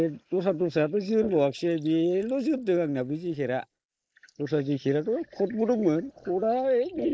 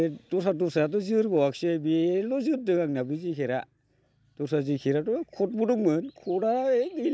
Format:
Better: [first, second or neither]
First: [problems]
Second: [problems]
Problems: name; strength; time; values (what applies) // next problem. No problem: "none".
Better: second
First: noise reduction (neural mask model Resemble Enhance denoiser)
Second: none